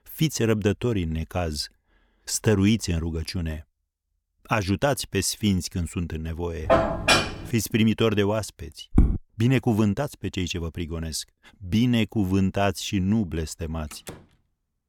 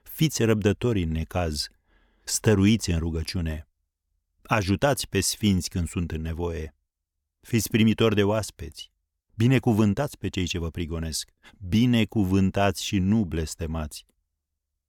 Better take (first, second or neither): second